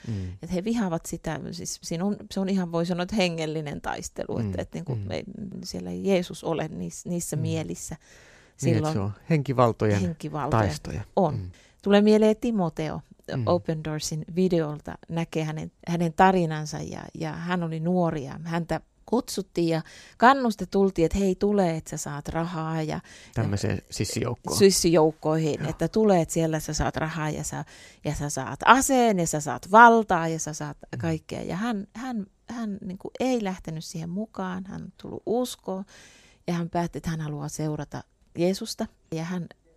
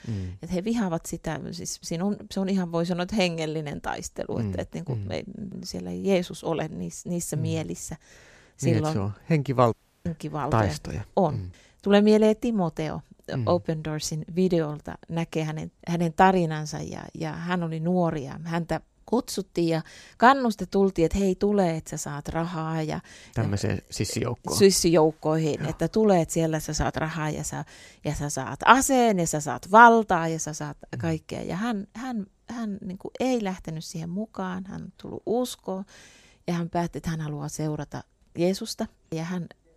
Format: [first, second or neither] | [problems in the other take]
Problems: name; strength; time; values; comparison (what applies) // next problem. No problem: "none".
first | audio cutting out; at 9.5 s